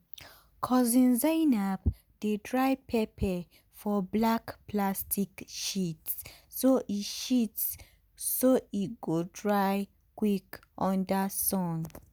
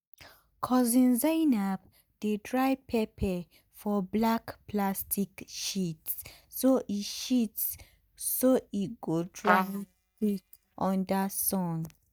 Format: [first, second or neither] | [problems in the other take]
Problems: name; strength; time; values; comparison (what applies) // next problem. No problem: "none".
first | noise reduction (neural mask model DeepFilterNet 3)